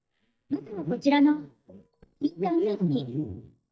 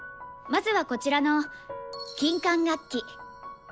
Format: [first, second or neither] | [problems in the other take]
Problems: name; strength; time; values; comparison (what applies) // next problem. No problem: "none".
second | noise reduction (neural mask model DeepFilterNet 3)